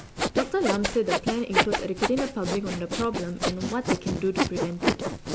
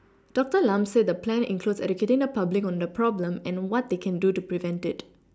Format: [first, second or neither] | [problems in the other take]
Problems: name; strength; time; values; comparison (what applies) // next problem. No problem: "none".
second | background sound (Sawing); as loud as the speech